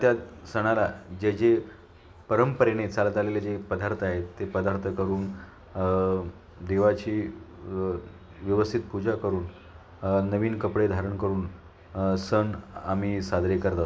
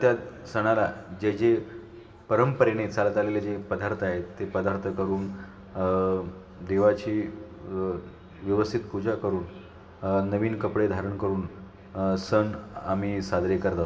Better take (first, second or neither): first